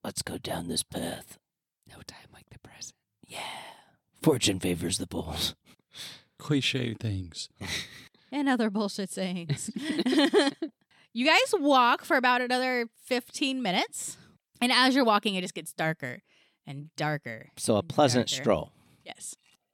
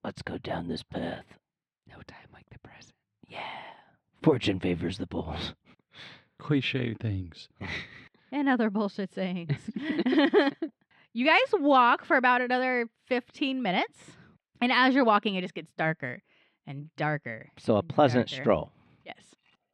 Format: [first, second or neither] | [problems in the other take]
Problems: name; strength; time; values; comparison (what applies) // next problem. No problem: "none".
first | muffled; slightly; fading above 2 kHz